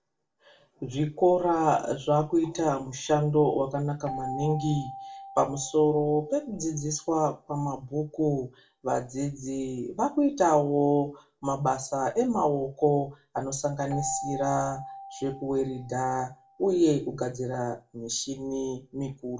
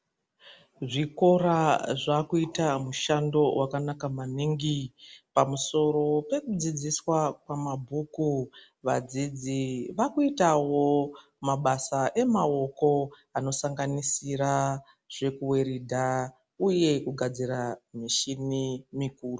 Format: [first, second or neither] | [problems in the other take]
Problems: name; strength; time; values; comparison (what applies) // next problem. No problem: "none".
second | background sound (Keyboard (musical)); 17 dB below the speech // room echo; dies away in 0.2 s